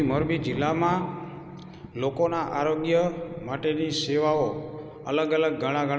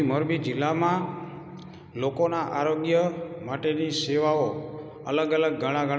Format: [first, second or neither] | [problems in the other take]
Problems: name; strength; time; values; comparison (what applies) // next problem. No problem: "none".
second | background sound (Thunder); 17 dB below the speech